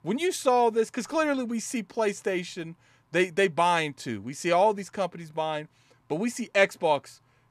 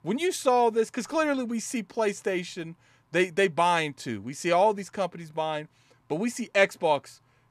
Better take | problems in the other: neither | none

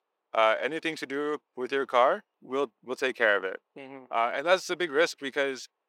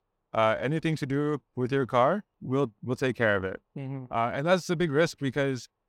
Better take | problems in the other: second | thin; somewhat; fading below 350 Hz

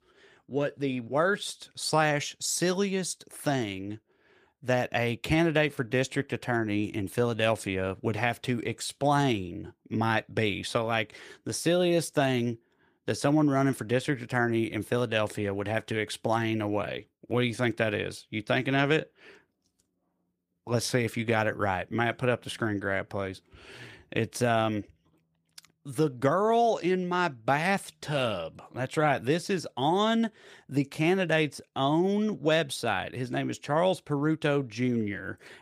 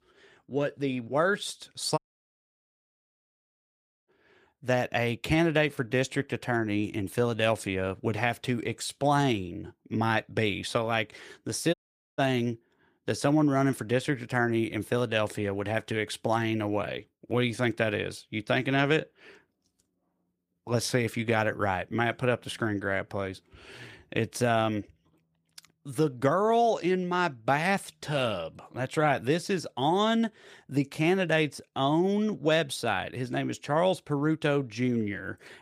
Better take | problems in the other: first | audio cutting out; at 2 s for 2 s and at 12 s

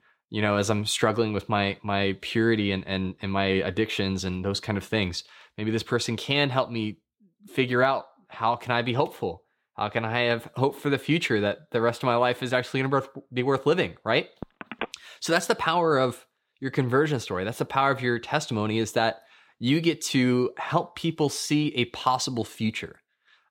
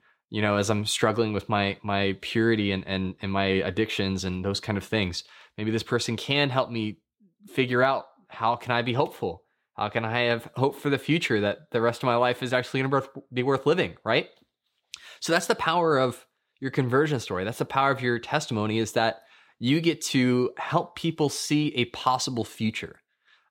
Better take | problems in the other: second | phone ringing; noticeable; at 14 s; peak 10 dB below the speech

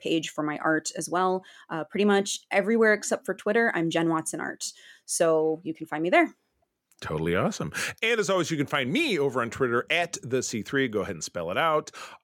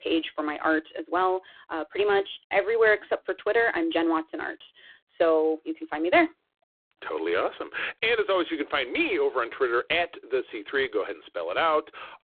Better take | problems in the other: first | phone-call audio; poor line

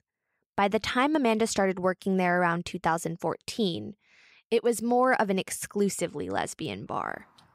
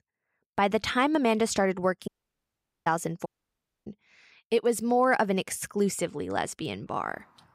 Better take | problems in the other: first | audio cutting out; at 2 s for 1 s and at 3.5 s for 0.5 s

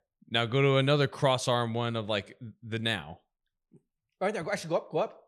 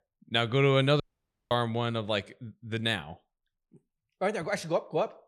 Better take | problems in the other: first | audio cutting out; at 1 s for 0.5 s

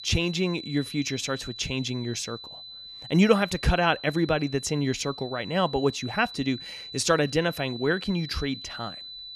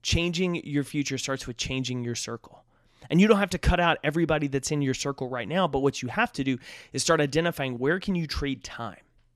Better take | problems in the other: second | high-pitched whine; noticeable; throughout; 4 kHz, 10 dB below the speech

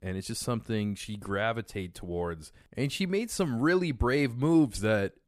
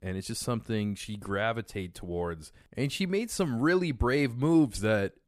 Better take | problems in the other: neither | none

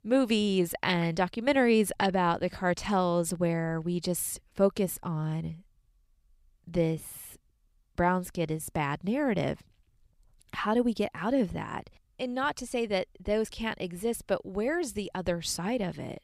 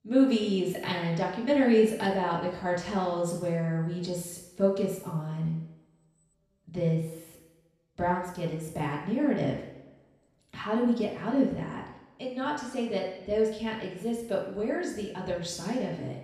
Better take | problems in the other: first | room echo; noticeable; dies away in 0.8 s // off-mic speech; far

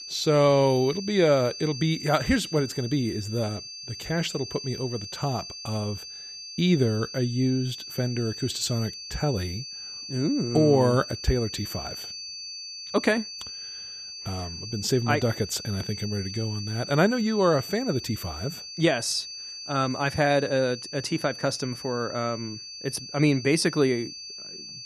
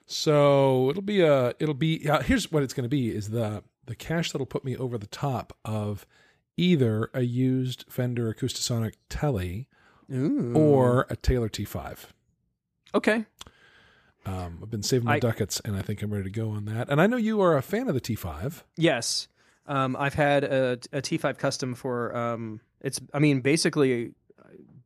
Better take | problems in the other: second | high-pitched whine; noticeable; throughout; 4.5 kHz, 10 dB below the speech

